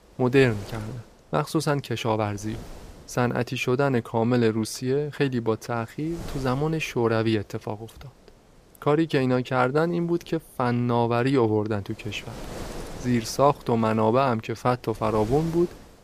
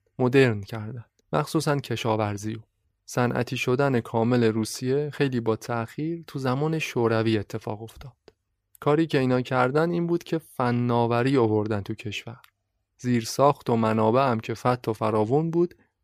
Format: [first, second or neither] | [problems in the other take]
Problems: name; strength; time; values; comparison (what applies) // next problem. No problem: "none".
second | wind noise on the microphone; occasional gusts; 20 dB below the speech